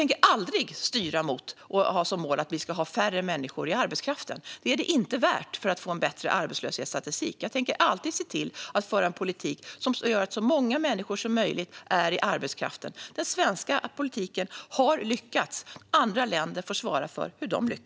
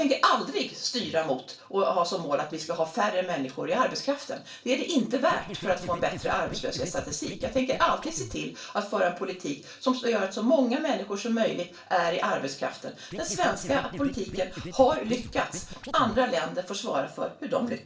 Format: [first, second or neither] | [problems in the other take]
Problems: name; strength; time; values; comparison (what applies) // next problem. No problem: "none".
first | background sound (Scratching (performance technique)); 12 dB below the speech // room echo; dies away in 0.3 s